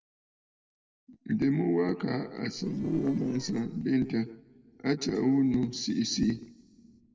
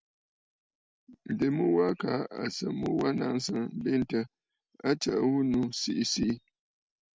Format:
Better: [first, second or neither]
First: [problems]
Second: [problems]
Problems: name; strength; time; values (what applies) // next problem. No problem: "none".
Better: second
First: noise reduction (neural separator model SepFormer DNS4)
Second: none